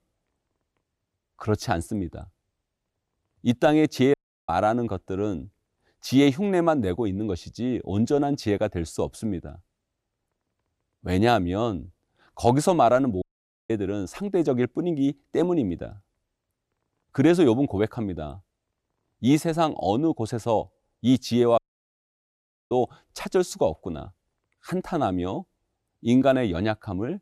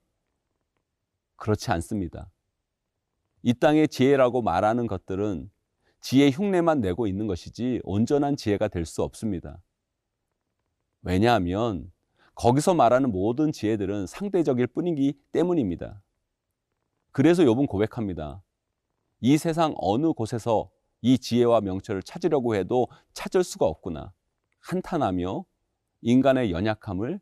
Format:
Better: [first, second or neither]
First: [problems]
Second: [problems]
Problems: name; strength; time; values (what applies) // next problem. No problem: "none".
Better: second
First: audio cutting out; at 4 s, at 13 s and at 22 s for 1 s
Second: none